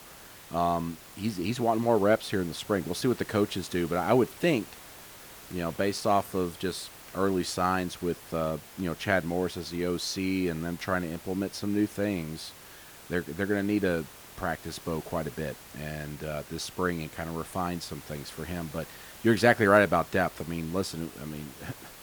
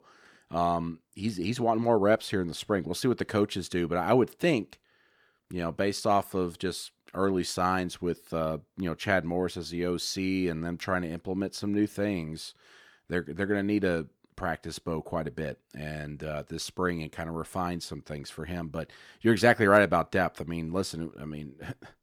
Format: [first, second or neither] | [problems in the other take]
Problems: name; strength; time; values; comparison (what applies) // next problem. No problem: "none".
second | hiss; noticeable; throughout; 15 dB below the speech